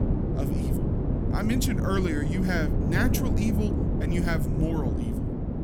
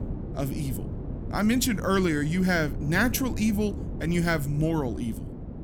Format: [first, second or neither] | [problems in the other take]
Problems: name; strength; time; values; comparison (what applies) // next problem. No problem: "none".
second | wind noise on the microphone; heavy; 2 dB below the speech; occasional gusts in the second